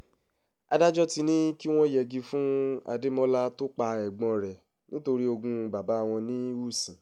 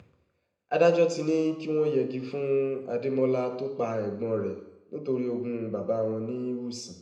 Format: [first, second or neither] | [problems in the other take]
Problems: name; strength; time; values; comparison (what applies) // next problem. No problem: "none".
first | room echo; dies away in 0.8 s